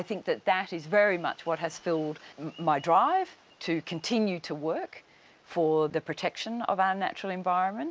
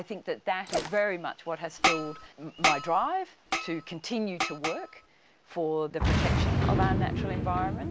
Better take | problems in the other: first | background sound (Boom); 2 dB above the speech

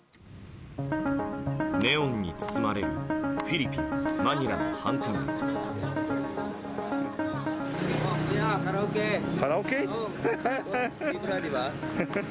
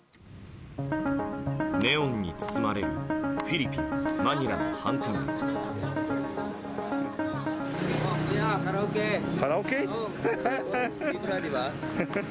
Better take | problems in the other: first | background sound (Guitar); 12 dB below the speech

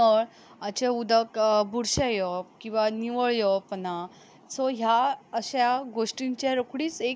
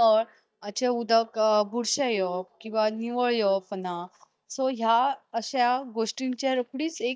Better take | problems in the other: first | noise reduction (neural mask model DeepFilterNet 3)

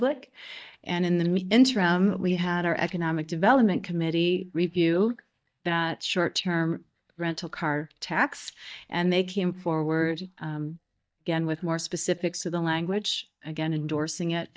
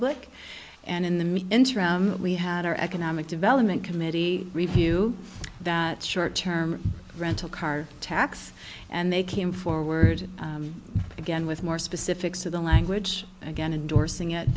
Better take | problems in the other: second | noise reduction (neural mask model DeepFilterNet 3)

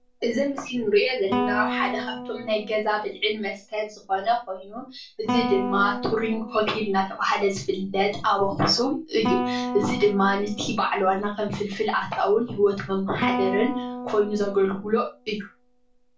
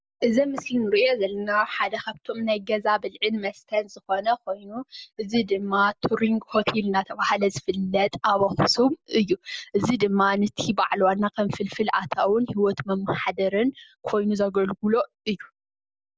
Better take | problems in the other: second | background sound (Guitar); 8 dB below the speech // room echo; dies away in 0.2 s

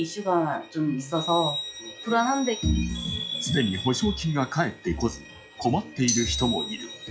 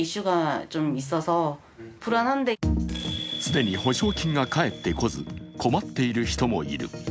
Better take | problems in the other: second | noise reduction (classical method log-MMSE)

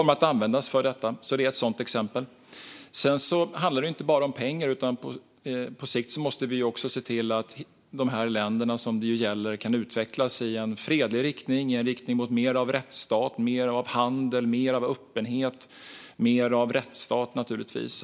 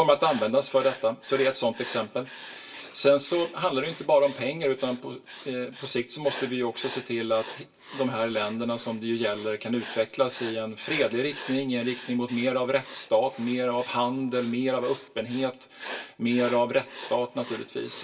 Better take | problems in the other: first | background sound (Writing); 17 dB below the speech // room echo; dies away in 0.1 s

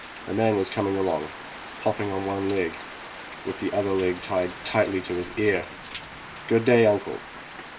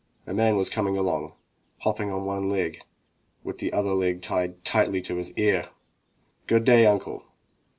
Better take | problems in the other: second | background sound (Rain); 13 dB below the speech

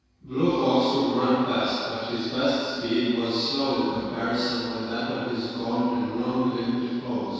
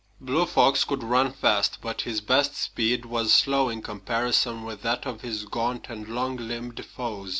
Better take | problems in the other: second | room echo; dies away in 2 s

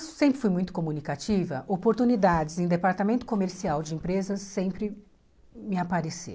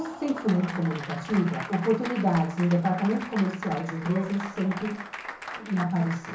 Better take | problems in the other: first | background sound (Applause); 11 dB below the speech // room echo; dies away in 0.7 s

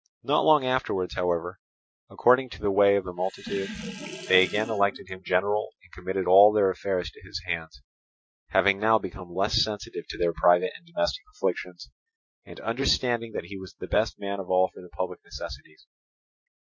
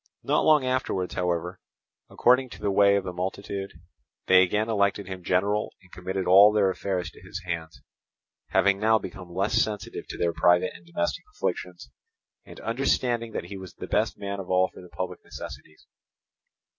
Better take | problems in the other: second | noise reduction (classical method Wiener filter)

